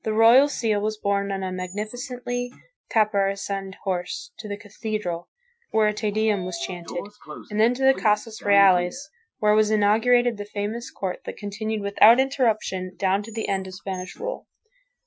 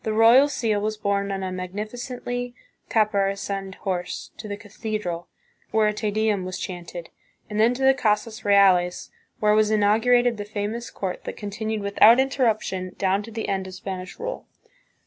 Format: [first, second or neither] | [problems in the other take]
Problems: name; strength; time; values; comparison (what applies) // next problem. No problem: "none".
second | noise reduction (classical method Wiener filter)